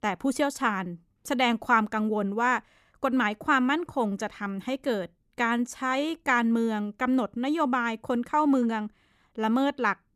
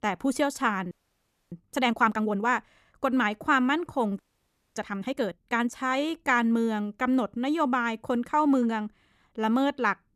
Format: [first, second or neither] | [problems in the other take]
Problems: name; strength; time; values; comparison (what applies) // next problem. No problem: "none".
first | audio freezing; at 1 s for 0.5 s and at 4 s for 0.5 s